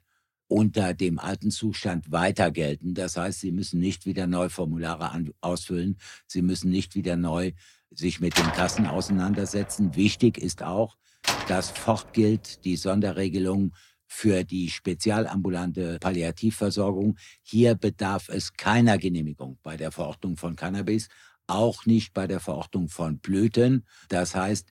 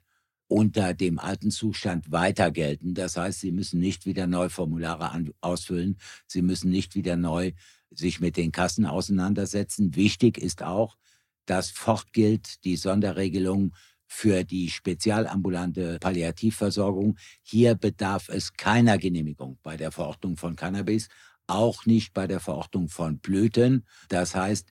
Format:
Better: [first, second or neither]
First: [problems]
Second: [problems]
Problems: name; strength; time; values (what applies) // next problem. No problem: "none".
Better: second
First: door banging; loud; from 8.5 to 12 s; peak 2 dB above the speech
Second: none